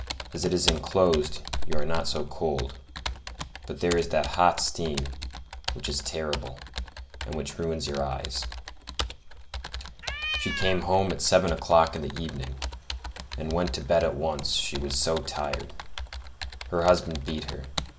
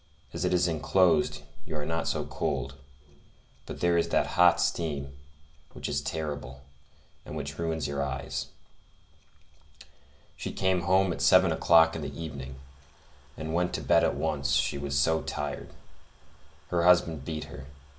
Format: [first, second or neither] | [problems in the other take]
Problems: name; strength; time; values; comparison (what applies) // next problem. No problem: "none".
second | background sound (Computer keyboard + Cat); 9 dB below the speech